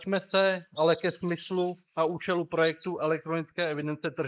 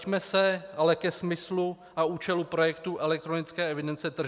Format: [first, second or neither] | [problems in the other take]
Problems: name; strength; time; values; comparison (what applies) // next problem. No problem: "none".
second | noise reduction (neural mask model Resemble Enhance denoiser)